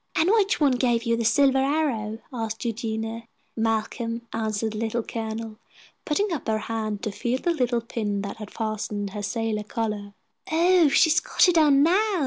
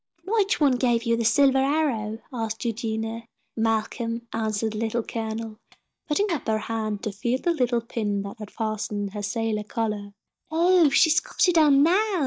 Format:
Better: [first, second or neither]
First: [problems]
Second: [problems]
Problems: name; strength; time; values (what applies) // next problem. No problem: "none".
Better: first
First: none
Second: noise reduction (neural mask model DeepFilterNet 3)